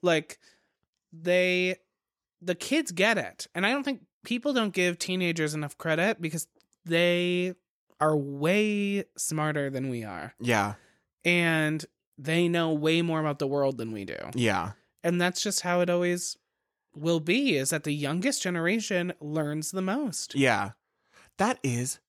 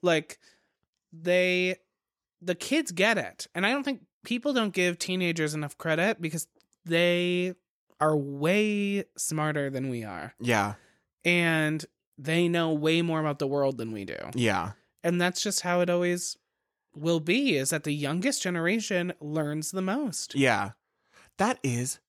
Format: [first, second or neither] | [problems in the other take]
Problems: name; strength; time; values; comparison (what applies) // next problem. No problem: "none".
neither | none